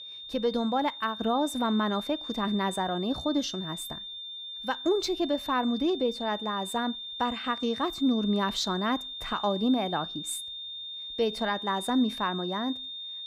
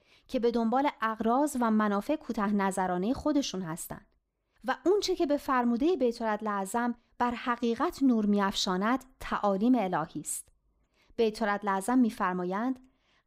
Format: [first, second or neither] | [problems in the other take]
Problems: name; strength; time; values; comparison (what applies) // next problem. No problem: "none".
second | high-pitched whine; loud; throughout; 3.5 kHz, 7 dB below the speech